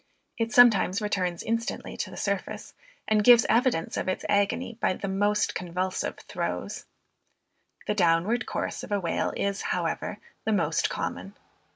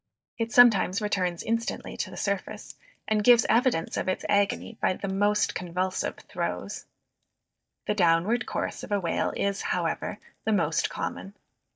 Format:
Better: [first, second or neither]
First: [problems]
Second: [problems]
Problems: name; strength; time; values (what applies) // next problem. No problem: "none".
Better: first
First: none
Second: noise reduction (neural mask model DeepFilterNet 3)